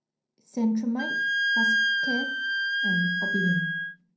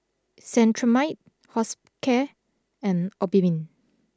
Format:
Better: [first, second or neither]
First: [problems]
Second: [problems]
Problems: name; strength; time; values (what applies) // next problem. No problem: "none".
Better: second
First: background sound (Wind instrument, woodwind instrument); 4 dB above the speech // room echo; dies away in 0.6 s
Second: none